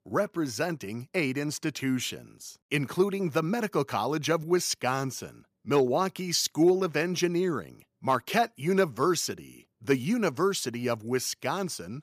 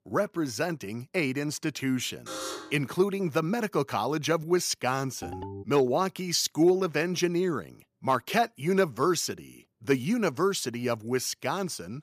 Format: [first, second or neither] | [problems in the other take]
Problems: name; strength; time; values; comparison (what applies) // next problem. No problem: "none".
first | alarm; noticeable; at 2.5 s; peak 8 dB below the speech // phone ringing; faint; at 5 s; peak 10 dB below the speech